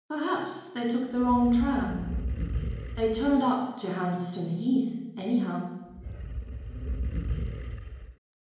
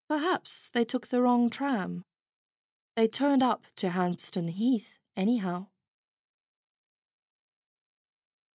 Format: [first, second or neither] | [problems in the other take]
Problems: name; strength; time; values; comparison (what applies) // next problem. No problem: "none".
second | background sound (Animal); 4 dB below the speech // room echo; dies away in 1 s